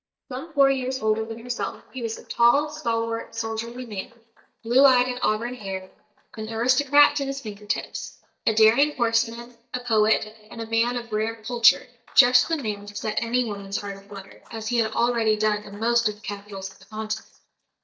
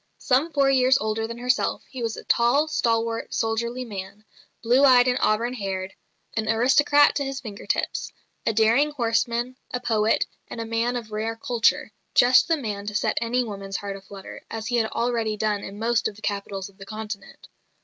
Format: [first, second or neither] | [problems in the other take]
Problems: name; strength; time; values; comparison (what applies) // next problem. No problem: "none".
second | noise reduction (neural mask model DeepFilterNet 3)